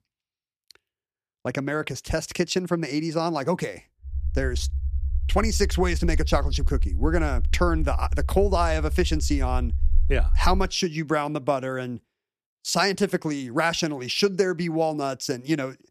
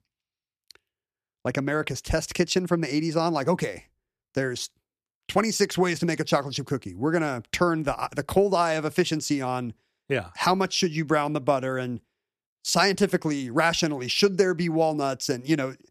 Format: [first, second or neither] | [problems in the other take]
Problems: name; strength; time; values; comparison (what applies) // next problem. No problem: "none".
second | low rumble; faint; from 4 to 11 s; 20 dB below the speech